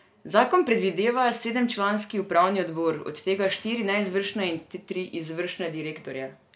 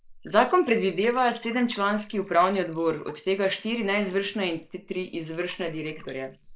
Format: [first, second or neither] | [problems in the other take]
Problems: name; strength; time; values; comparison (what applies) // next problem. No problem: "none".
first | noise reduction (neural mask model Resemble Enhance denoiser)